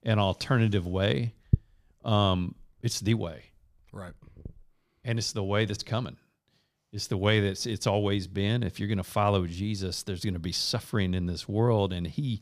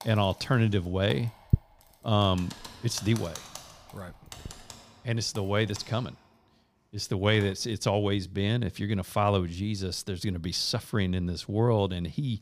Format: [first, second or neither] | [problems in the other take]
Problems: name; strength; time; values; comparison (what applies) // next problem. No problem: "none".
first | keyboard typing; faint; until 7.5 s; peak 15 dB below the speech